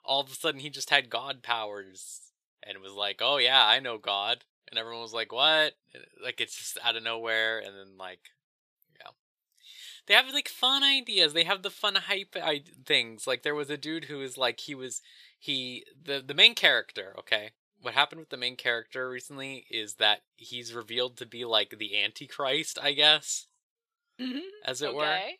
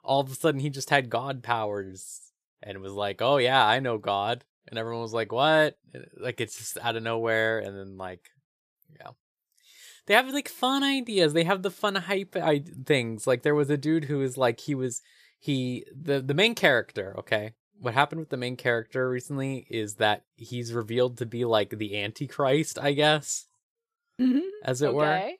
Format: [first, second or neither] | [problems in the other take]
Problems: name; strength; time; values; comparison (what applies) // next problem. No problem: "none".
second | thin; somewhat; fading below 750 Hz